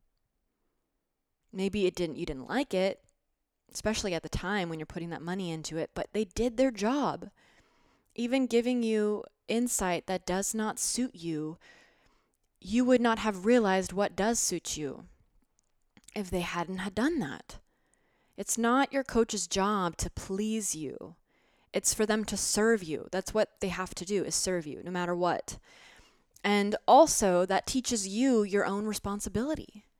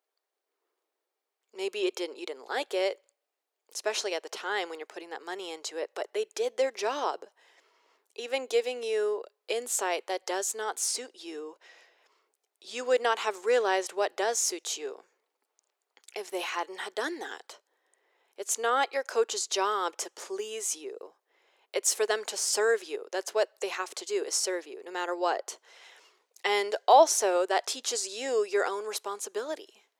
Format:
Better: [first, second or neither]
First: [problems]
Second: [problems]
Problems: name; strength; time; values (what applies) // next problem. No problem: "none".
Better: first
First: none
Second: thin; very; fading below 400 Hz